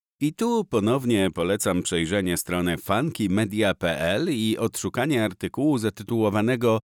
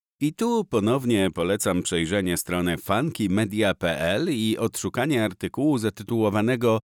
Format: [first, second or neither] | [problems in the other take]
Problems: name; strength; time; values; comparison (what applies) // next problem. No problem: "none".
neither | none